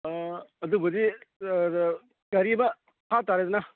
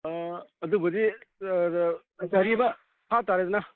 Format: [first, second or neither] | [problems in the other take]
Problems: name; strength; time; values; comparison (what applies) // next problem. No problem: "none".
first | noise reduction (neural mask model Resemble Enhance denoiser)